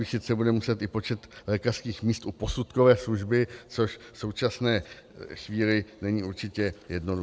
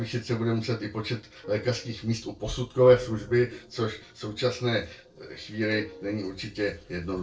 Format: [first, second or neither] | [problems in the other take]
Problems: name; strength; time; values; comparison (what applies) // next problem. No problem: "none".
first | noise reduction (neural separator model SepFormer DNS4)